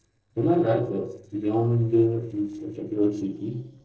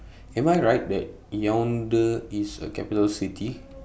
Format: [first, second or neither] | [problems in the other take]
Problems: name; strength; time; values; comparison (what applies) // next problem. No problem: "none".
second | noise reduction (neural separator model SepFormer DNS4)